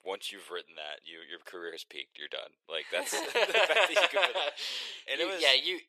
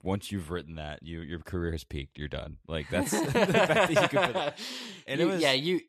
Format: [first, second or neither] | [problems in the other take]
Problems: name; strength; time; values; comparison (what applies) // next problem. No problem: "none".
second | thin; very; fading below 450 Hz